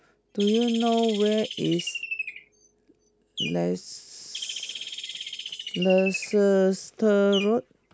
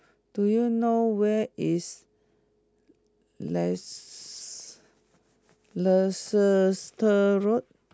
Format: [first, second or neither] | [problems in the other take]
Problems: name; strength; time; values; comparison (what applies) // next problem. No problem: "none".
second | background sound (Bird); 11 dB below the speech